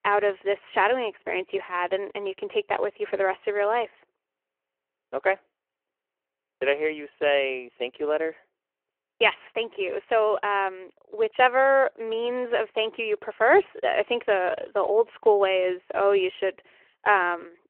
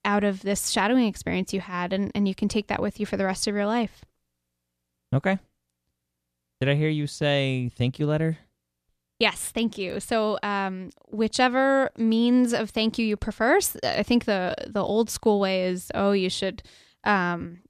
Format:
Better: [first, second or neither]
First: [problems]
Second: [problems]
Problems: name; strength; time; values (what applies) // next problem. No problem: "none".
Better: second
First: phone-call audio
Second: none